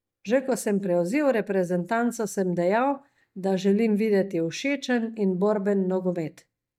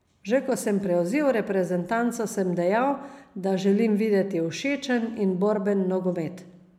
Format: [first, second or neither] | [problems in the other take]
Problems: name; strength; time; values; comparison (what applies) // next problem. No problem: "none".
second | noise reduction (neural mask model DeepFilterNet 3)